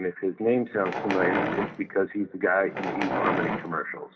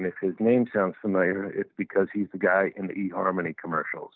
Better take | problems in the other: second | background sound (Wild animals); 3 dB below the speech // room echo; dies away in 1.9 s

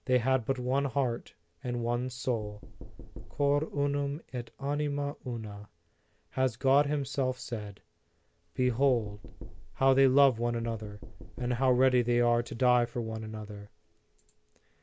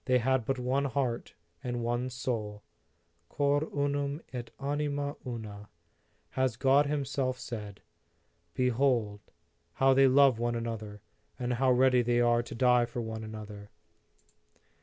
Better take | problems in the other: second | background sound (Knock); 13 dB below the speech

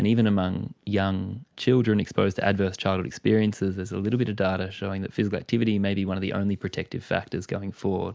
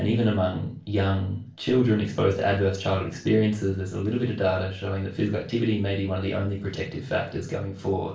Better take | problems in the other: first | room echo; dies away in 0.3 s

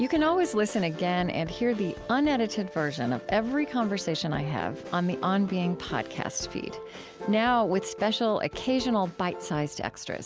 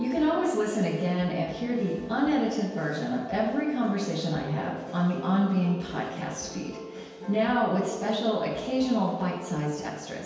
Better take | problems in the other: first | room echo; dies away in 1.2 s

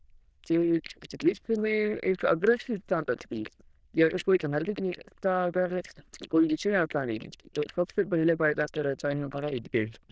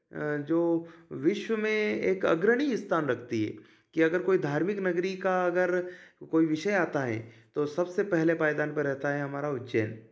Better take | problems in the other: second | noise reduction (neural diffusion model UNIVERSE++)

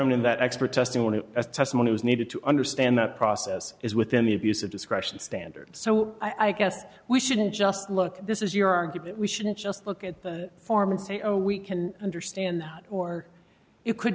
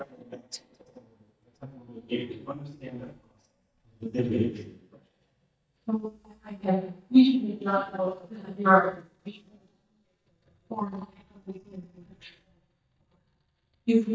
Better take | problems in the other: first | noise reduction (neural mask model DeepFilterNet 3)

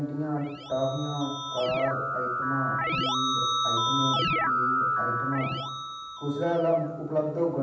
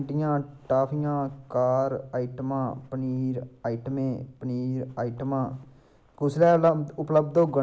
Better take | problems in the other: second | background sound (Keyboard (musical)); 1 dB above the speech // room echo; dies away in 0.8 s

